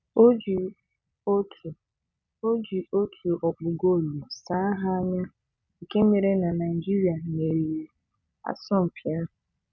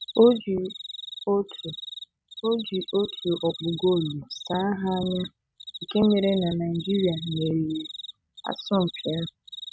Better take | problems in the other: first | background sound (Cricket); 14 dB below the speech

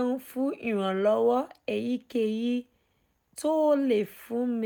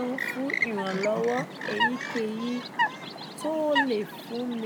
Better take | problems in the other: first | background sound (Chirp, tweet); 1 dB below the speech

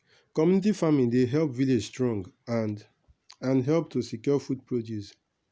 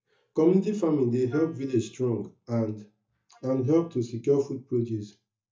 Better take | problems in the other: first | noise reduction (neural mask model DeepFilterNet 3)

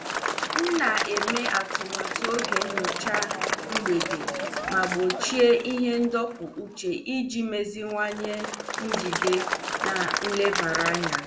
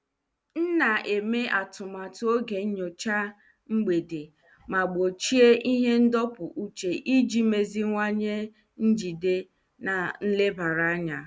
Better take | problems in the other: second | background sound (Applause / Crowd); 2 dB below the speech // room echo; dies away in 0.5 s

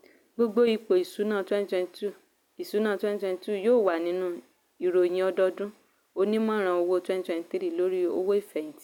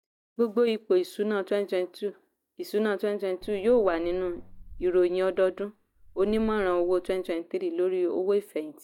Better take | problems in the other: first | noise reduction (neural mask model DeepFilterNet 3)

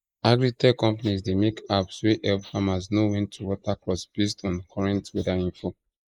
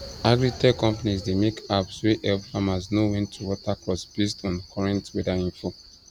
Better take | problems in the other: second | noise reduction (neural mask model Resemble Enhance denoiser)

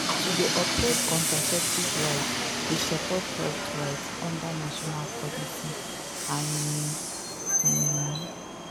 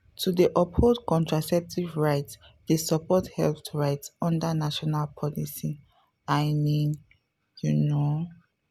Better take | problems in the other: second | background sound (Train); 3 dB above the speech

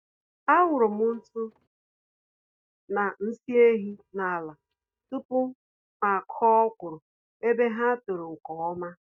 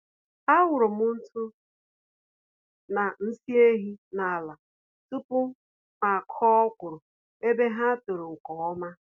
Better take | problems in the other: second | noise reduction (neural mask model DeepFilterNet 3)

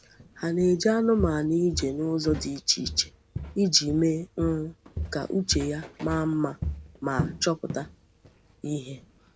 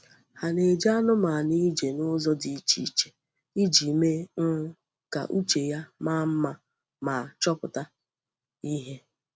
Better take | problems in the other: second | background sound (Walk, footsteps); 10 dB below the speech

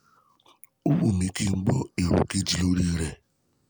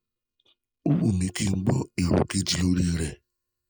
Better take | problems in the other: first | noise reduction (neural mask model DeepFilterNet 3)

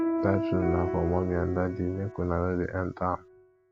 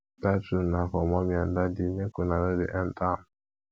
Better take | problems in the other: second | background sound (Piano); 4 dB below the speech

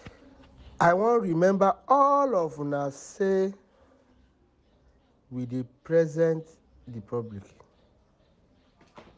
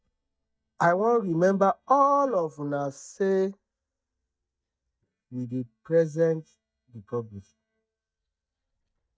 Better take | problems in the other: first | noise reduction (neural mask model DeepFilterNet 3)

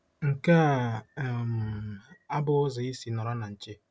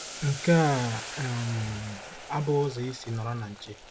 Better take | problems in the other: first | background sound (Boiling); 12 dB below the speech

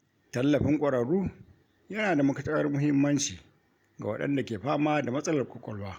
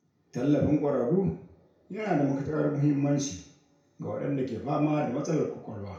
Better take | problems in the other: first | room echo; dies away in 0.5 s

